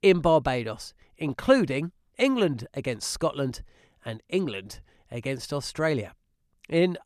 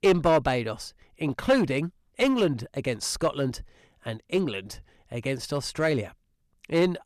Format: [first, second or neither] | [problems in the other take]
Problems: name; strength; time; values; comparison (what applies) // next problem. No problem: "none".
first | distortion; slight; 3% of the sound clipped